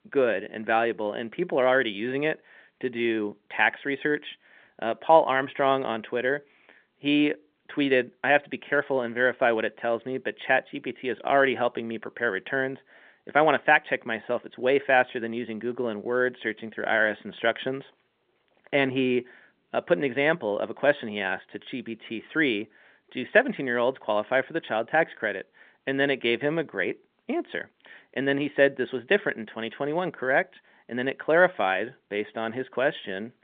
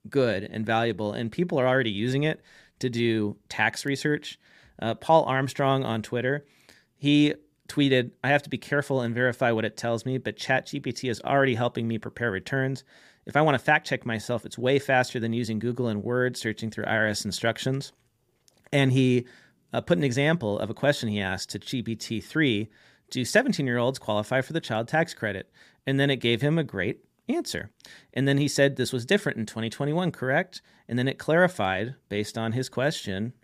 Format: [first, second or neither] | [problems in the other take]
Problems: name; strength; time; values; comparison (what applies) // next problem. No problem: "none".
second | phone-call audio